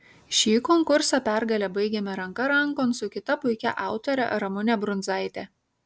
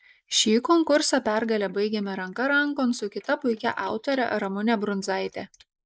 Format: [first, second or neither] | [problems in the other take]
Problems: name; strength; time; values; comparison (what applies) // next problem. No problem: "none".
first | noise reduction (neural mask model Resemble Enhance denoiser)